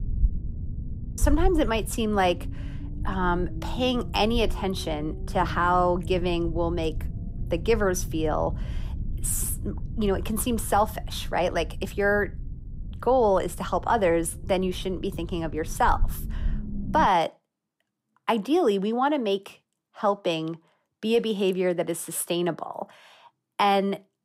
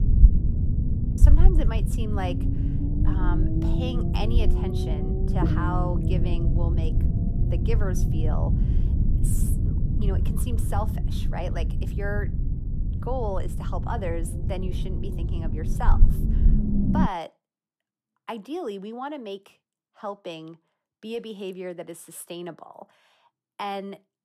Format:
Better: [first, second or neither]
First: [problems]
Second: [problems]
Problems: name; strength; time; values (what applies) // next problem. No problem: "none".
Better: first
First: low rumble; faint; until 17 s; 20 dB below the speech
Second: low rumble; loud; until 17 s; 3 dB below the speech